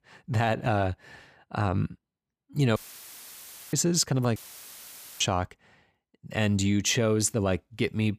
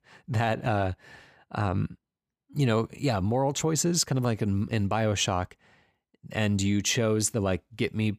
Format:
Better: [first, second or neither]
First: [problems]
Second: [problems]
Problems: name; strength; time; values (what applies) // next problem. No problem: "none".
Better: second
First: audio cutting out; filled with static; at 3 s for 1 s and at 4.5 s for 1 s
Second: none